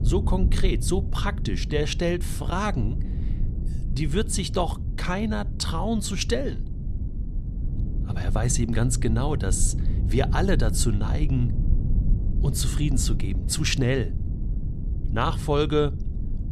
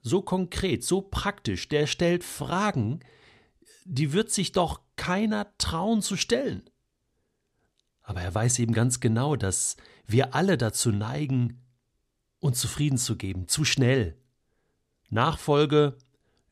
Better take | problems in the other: second | low rumble; noticeable; throughout; 15 dB below the speech

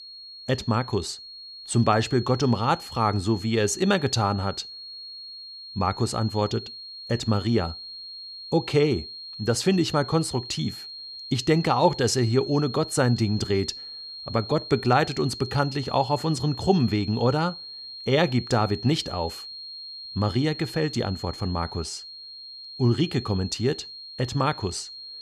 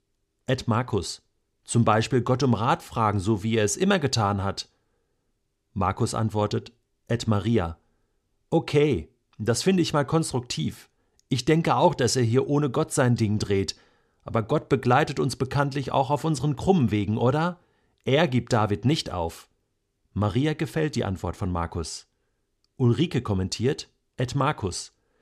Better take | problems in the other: second | high-pitched whine; noticeable; throughout; 4.5 kHz, 10 dB below the speech

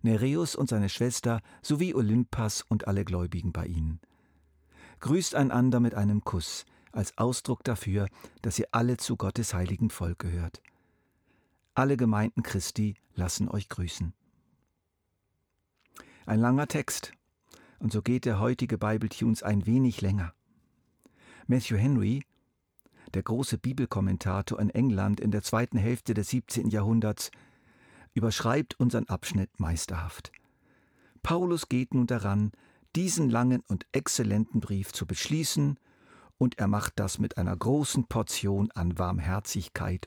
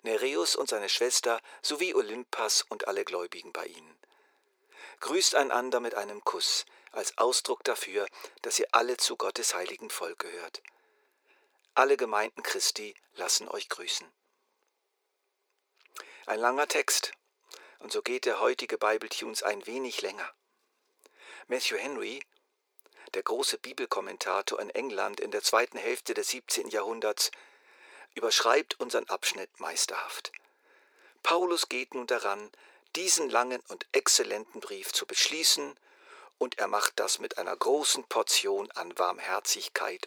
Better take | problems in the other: first | thin; very; fading below 400 Hz

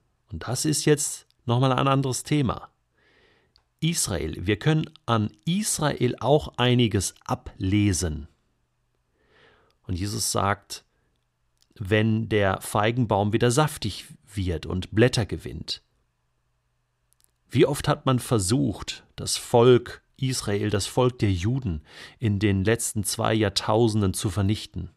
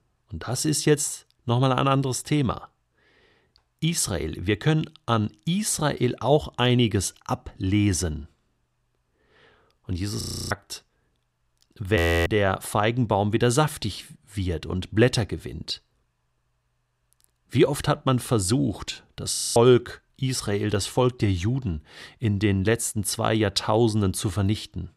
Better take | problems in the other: first | audio freezing; at 10 s, at 12 s and at 19 s

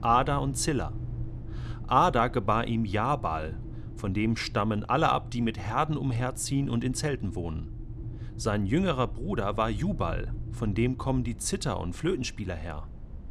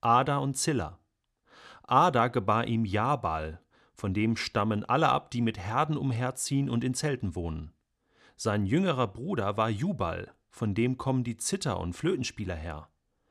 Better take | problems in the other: second | low rumble; faint; throughout; 20 dB below the speech

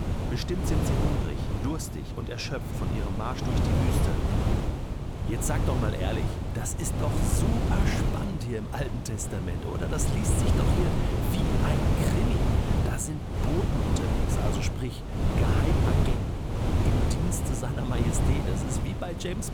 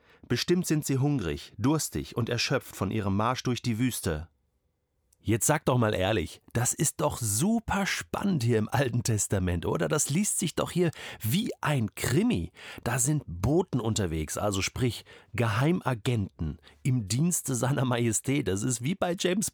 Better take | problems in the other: second | wind noise on the microphone; heavy; 2 dB above the speech

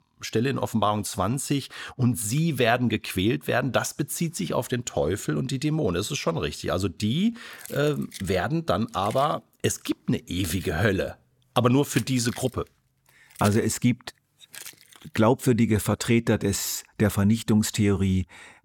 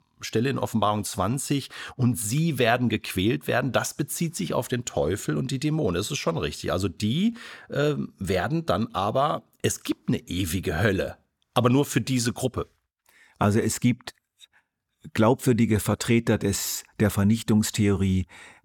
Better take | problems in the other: second | jangling keys; faint; from 7.5 to 15 s; peak 10 dB below the speech

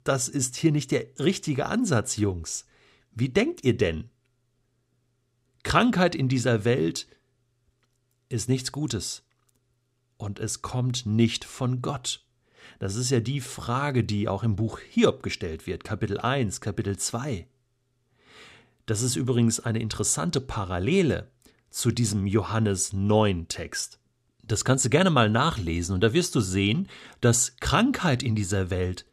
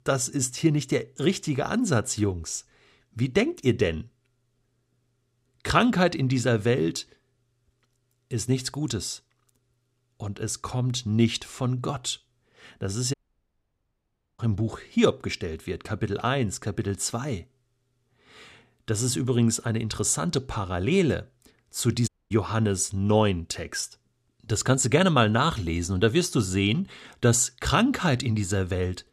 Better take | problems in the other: first | audio cutting out; at 13 s for 1 s and at 22 s

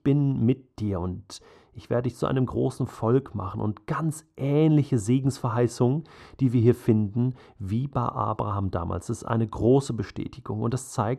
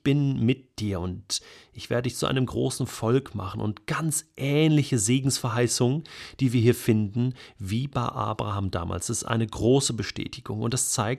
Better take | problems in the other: second | muffled; slightly; fading above 1.5 kHz

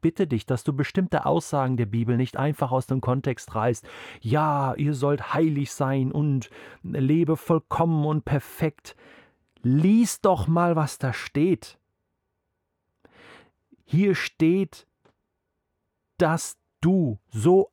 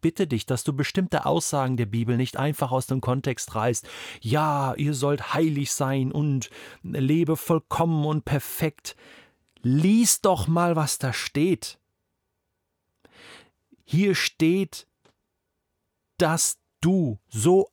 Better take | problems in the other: second | muffled; slightly; fading above 3 kHz

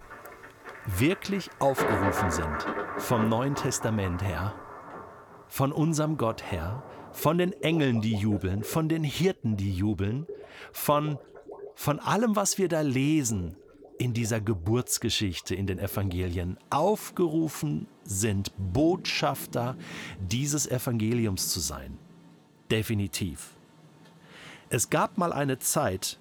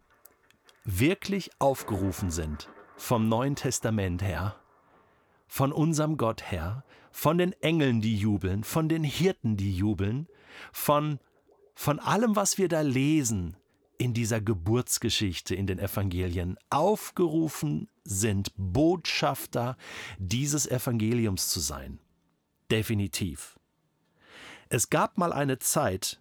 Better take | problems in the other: second | rain or running water; loud; throughout; 10 dB below the speech; faint in the second

